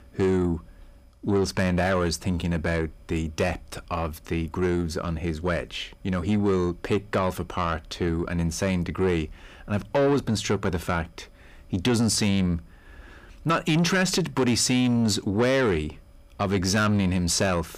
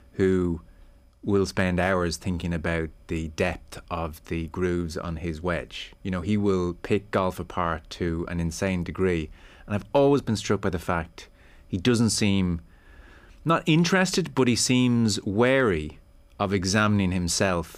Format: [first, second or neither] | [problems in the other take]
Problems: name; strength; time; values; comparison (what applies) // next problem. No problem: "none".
second | distortion; slight; 10 dB below the speech